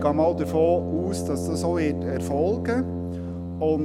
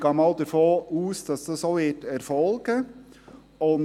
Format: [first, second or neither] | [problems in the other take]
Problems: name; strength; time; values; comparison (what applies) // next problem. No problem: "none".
second | background sound (Brass instrument); 3 dB below the speech